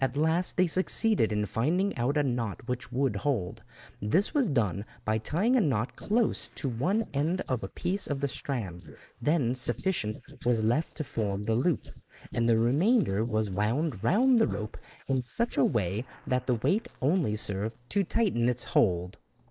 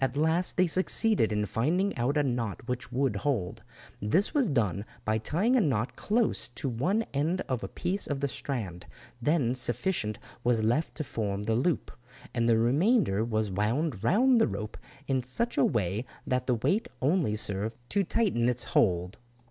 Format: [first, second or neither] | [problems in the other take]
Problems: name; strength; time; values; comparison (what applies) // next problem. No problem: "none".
second | noise reduction (neural mask model Resemble Enhance denoiser)